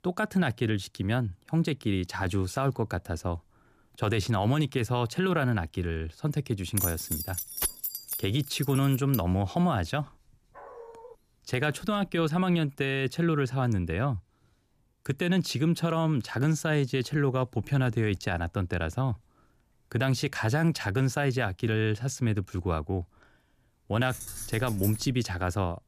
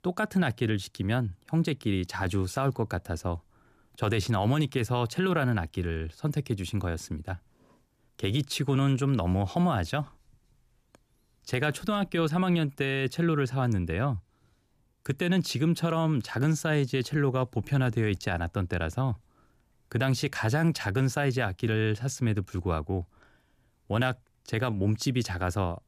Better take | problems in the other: second | jangling keys; noticeable; from 7 to 9 s and from 24 to 25 s; peak 1 dB below the speech // dog barking; faint; at 11 s; peak 20 dB below the speech

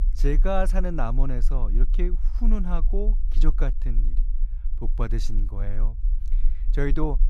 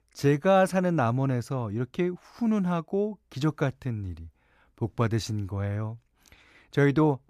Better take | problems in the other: second | low rumble; faint; throughout; 20 dB below the speech

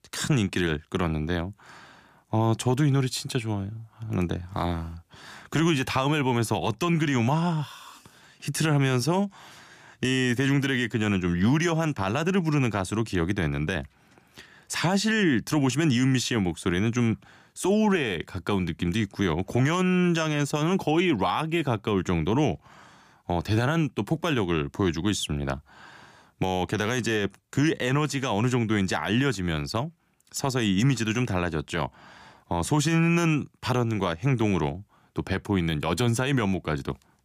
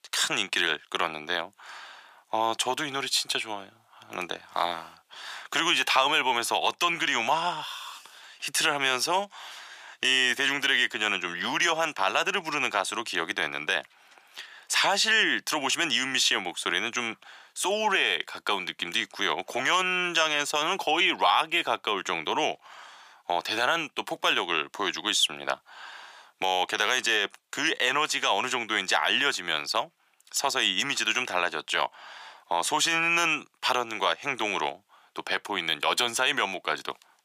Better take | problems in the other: first | thin; very; fading below 750 Hz

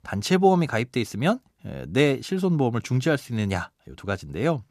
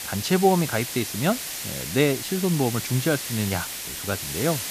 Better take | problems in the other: first | hiss; loud; throughout; 5 dB below the speech

